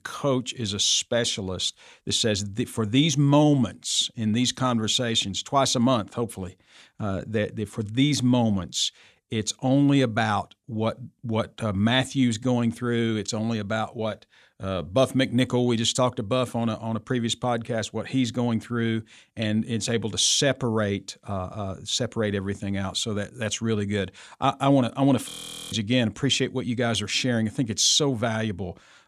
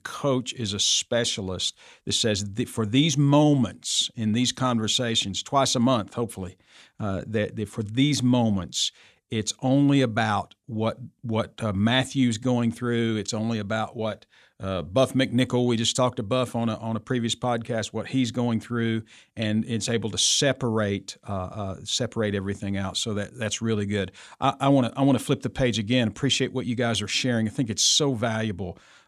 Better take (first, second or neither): second